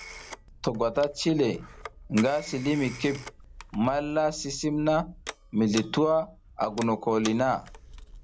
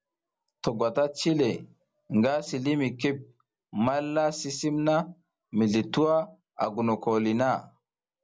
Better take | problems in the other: second | background sound (Telephone); 16 dB below the speech

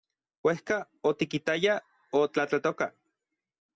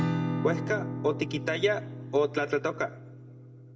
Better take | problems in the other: first | background sound (Acoustic guitar / Strum); 4 dB below the speech // room echo; dies away in 0.8 s

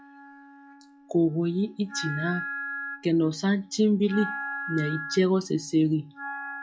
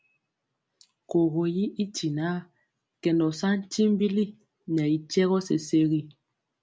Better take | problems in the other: second | noise reduction (classical method log-MMSE)

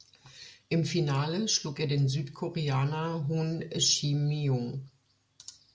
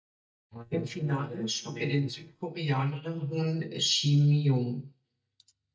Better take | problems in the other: first | noise reduction (neural mask model DeepFilterNet 3)

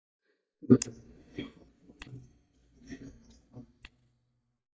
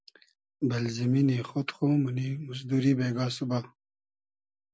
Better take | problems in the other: second | noise reduction (neural mask model DeepFilterNet 3)

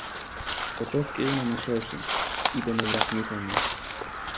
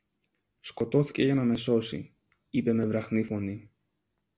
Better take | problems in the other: second | background sound (Crow); as loud as the speech

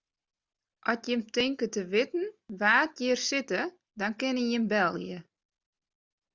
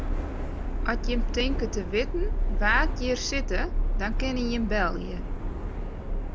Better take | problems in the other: first | background sound (Subway, metro, underground); 3 dB above the speech

